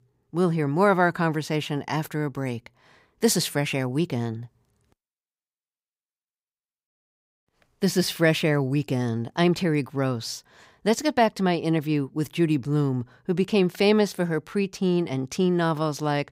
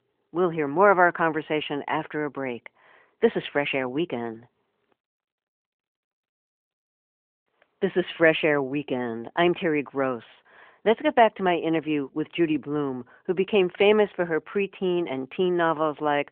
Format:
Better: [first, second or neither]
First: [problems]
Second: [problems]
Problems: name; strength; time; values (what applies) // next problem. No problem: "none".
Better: first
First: none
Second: phone-call audio; nothing above 3 kHz